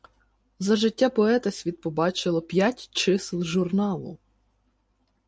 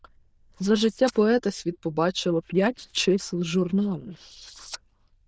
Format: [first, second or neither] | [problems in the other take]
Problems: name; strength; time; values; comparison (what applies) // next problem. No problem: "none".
first | noise reduction (neural diffusion model UNIVERSE++)